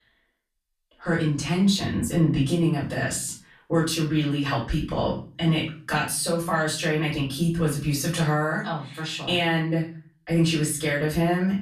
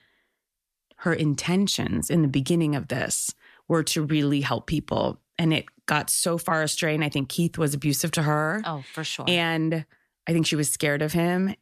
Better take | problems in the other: second | off-mic speech; far // room echo; slight; dies away in 0.3 s

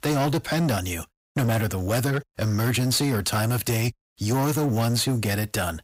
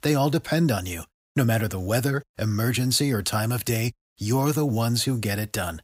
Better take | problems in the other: second | distortion; slight; 18% of the sound clipped

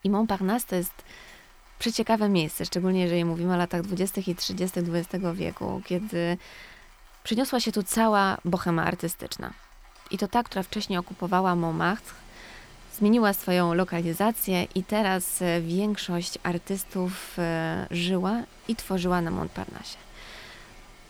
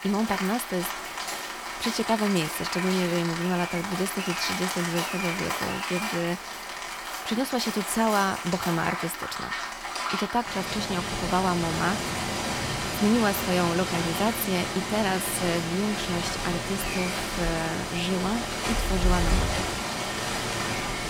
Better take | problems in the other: first | rain or running water; loud; throughout; 1 dB below the speech; faint in the first

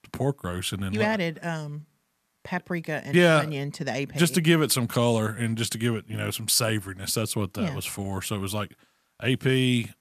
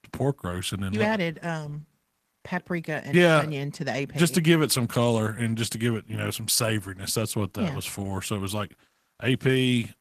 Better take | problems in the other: first | garbled, watery; slightly; nothing above 14 kHz

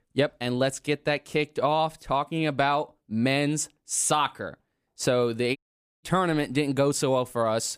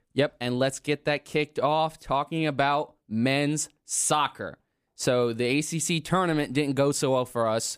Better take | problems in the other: second | audio cutting out; at 5.5 s

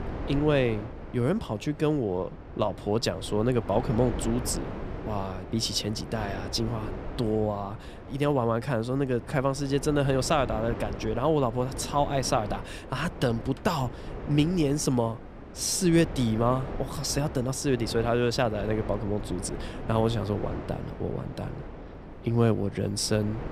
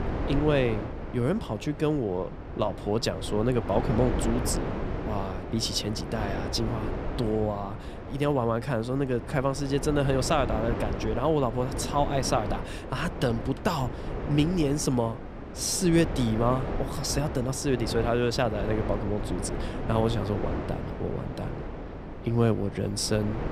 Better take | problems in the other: first | wind noise on the microphone; heavy; 8 dB below the speech; occasional gusts in the first

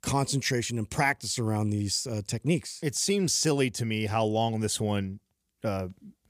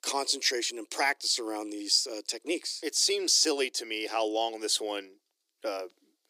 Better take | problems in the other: first | thin; very; fading below 300 Hz

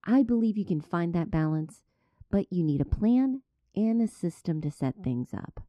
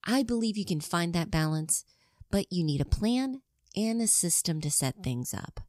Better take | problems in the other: second | muffled; very; fading above 3.5 kHz

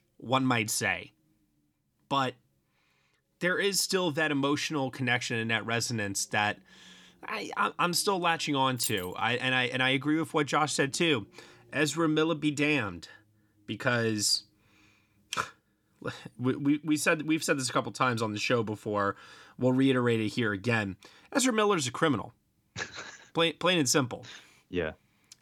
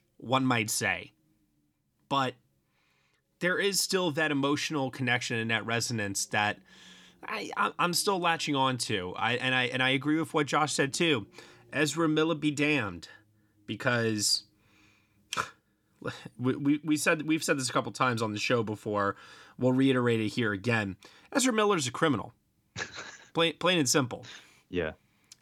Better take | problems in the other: second | jangling keys; noticeable; at 9 s; peak 6 dB below the speech

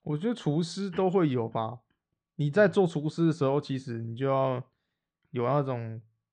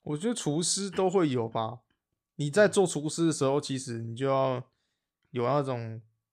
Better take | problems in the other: second | muffled; slightly; fading above 3 kHz

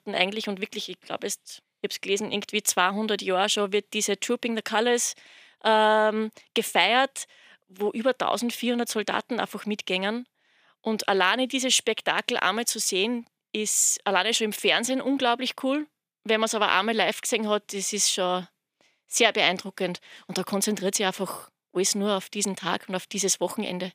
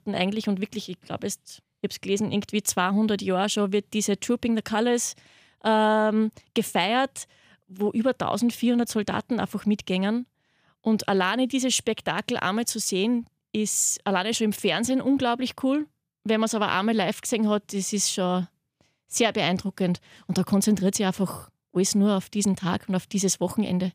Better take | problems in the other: second | thin; somewhat; fading below 350 Hz

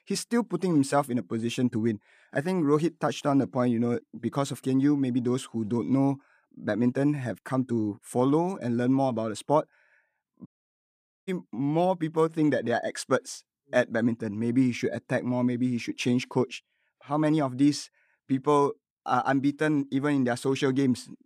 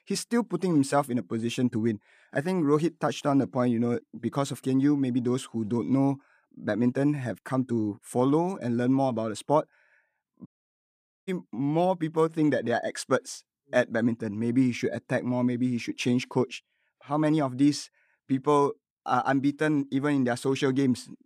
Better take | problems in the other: neither | audio cutting out; at 10 s for 1 s; the same in both

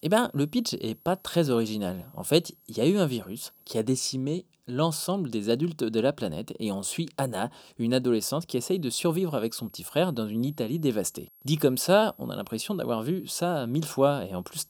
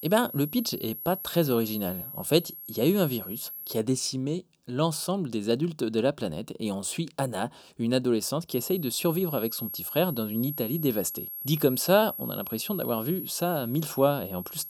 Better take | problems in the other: first | high-pitched whine; loud; until 4 s and from 8.5 s on; 11.5 kHz, 8 dB below the speech; faint in the first

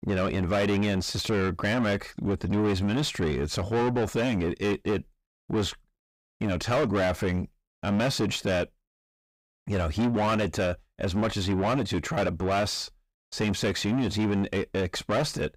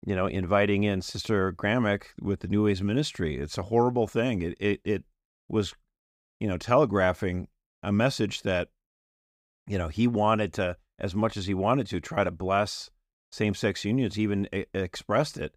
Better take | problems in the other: second | distortion; heavy; 6 dB below the speech

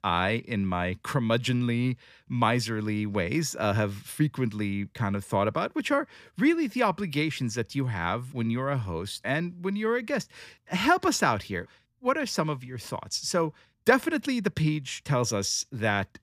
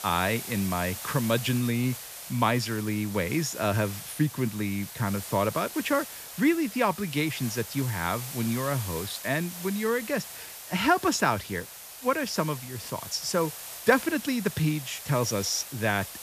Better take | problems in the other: first | hiss; loud; throughout; 10 dB below the speech

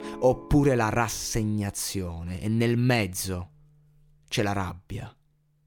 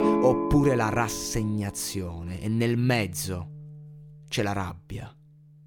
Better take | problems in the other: first | background music; loud; throughout; 5 dB below the speech; faint in the first

